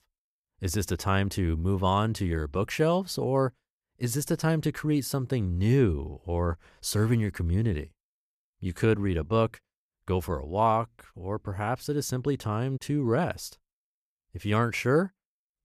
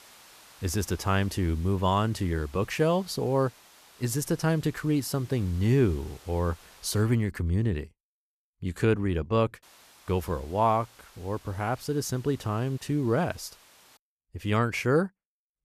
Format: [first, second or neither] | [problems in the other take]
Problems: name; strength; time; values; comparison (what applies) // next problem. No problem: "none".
first | hiss; faint; until 7 s and from 9.5 to 14 s; 25 dB below the speech